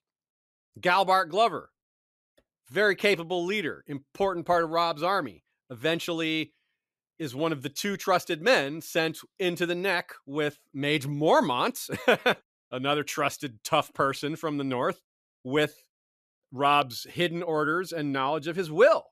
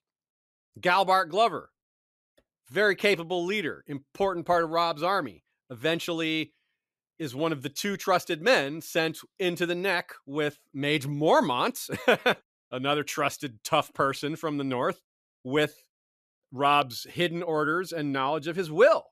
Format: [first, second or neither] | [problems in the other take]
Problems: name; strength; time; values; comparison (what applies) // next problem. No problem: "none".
neither | none